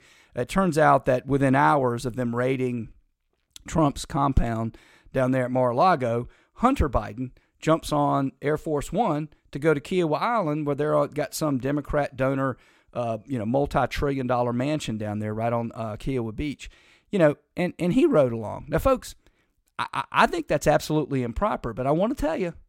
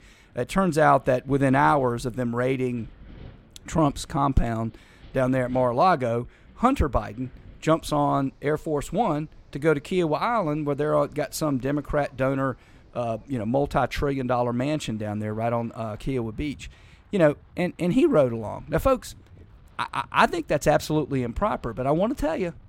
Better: first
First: none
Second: wind in the background; faint; throughout; 25 dB below the speech

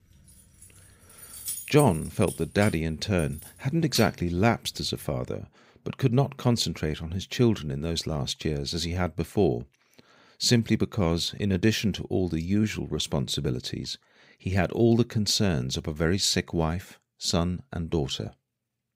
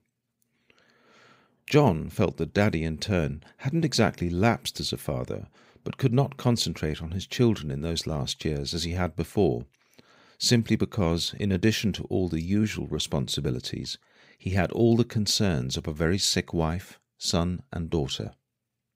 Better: second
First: jangling keys; noticeable; from 0.5 to 4.5 s; peak 7 dB below the speech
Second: none

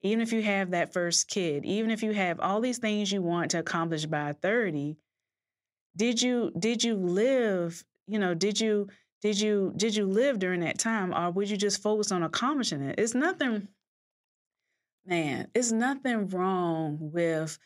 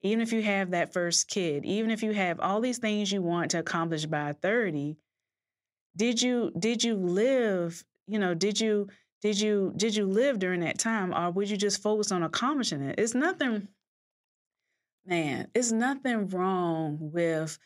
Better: neither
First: none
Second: none

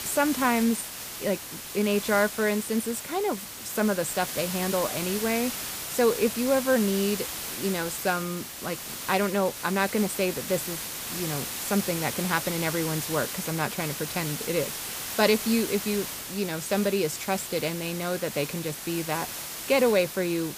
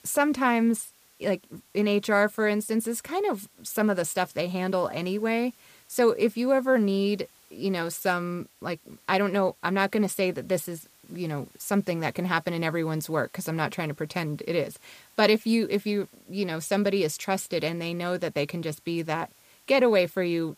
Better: second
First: hiss; loud; throughout; 5 dB below the speech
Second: hiss; faint; throughout; 30 dB below the speech

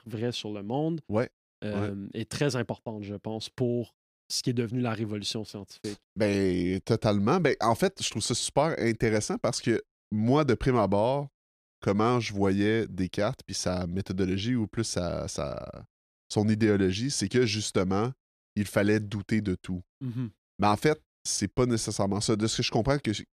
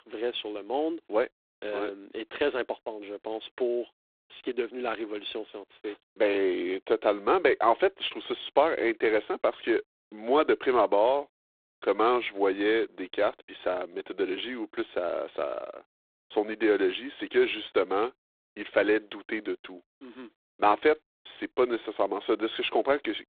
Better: first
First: none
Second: phone-call audio; poor line; nothing above 3.5 kHz

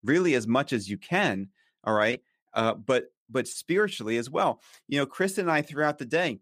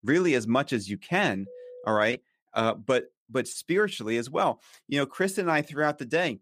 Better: first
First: none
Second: phone ringing; faint; at 1.5 s; peak 15 dB below the speech

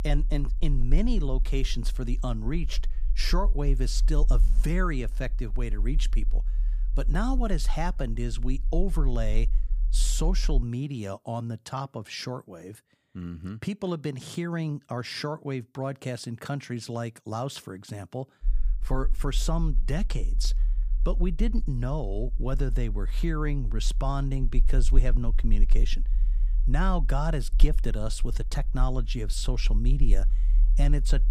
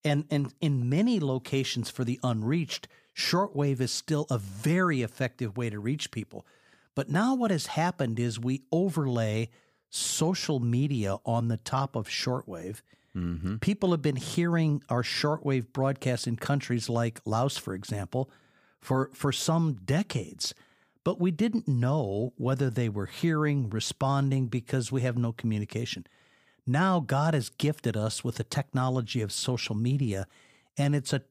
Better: second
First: low rumble; faint; until 11 s and from 18 s on; 20 dB below the speech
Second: none

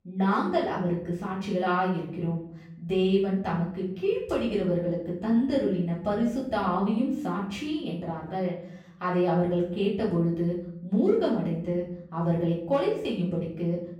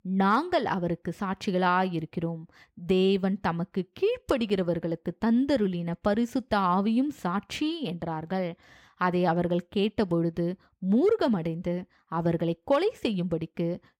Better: second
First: off-mic speech; far // room echo; noticeable; dies away in 0.7 s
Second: none

